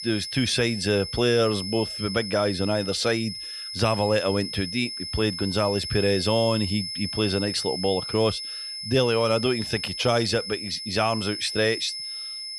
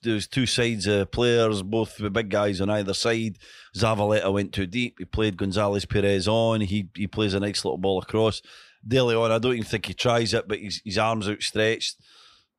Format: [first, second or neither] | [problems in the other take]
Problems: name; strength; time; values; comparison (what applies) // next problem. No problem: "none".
second | high-pitched whine; loud; throughout; 5 kHz, 6 dB below the speech